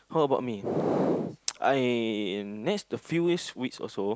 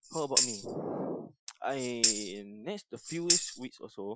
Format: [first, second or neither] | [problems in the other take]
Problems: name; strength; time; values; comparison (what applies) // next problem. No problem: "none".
first | noise reduction (classical method Wiener filter)